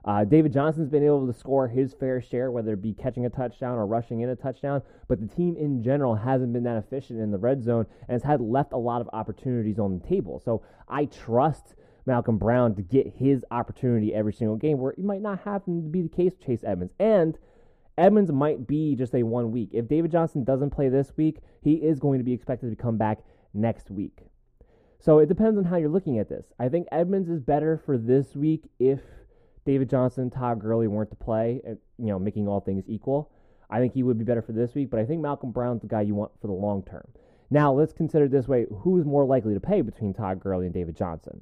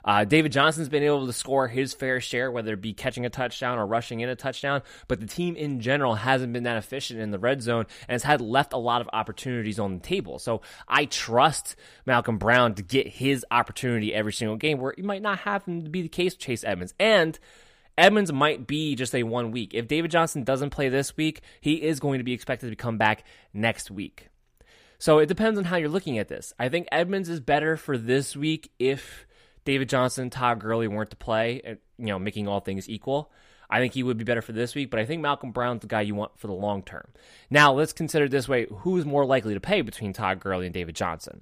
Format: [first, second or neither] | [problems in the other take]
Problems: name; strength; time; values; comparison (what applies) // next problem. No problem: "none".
second | muffled; very; fading above 1.5 kHz